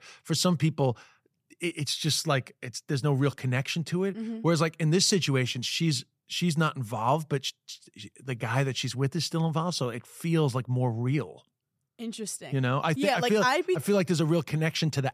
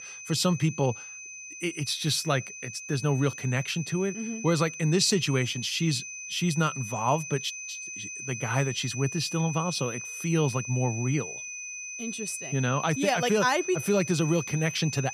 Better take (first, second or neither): first